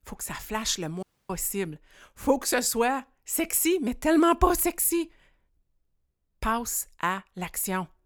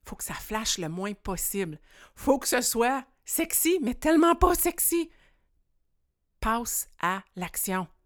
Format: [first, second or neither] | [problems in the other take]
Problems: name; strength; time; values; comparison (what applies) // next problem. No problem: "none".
second | audio cutting out; at 1 s